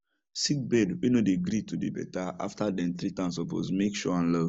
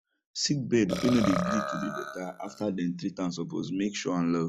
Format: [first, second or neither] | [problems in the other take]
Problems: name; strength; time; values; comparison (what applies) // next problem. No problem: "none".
first | noise reduction (classical method log-MMSE)